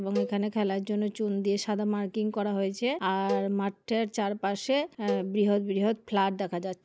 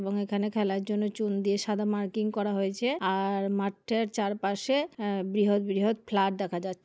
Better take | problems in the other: second | background sound (Cowbell); 12 dB below the speech

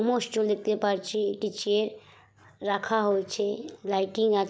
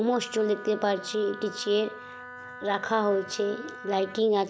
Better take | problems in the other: first | background sound (Wind instrument, woodwind instrument); 15 dB below the speech

